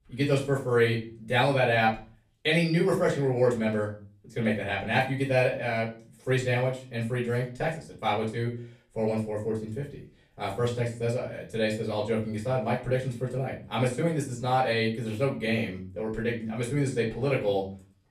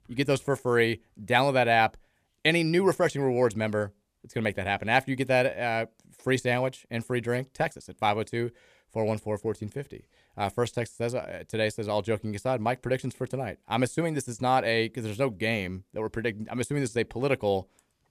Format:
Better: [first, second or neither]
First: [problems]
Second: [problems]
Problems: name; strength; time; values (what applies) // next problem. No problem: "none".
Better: second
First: off-mic speech; far // room echo; slight; dies away in 0.4 s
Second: none